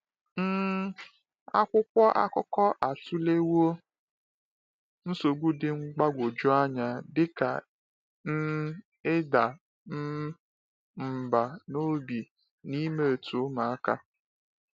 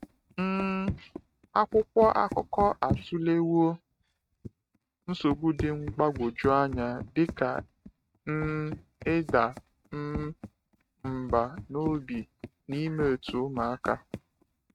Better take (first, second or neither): first